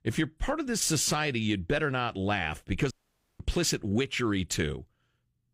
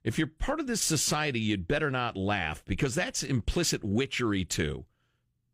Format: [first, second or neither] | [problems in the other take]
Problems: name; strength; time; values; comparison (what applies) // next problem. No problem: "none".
second | audio cutting out; at 3 s